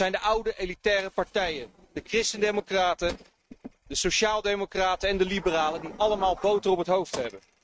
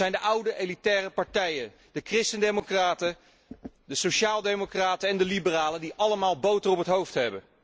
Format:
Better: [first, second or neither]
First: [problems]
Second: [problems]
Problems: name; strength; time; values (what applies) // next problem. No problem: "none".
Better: second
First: noise reduction (neural mask model RNNoise)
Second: none